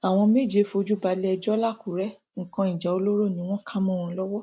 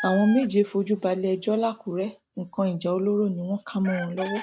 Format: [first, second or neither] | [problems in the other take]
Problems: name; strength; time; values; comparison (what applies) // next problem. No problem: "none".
first | background sound (Chicken, rooster); 16 dB below the speech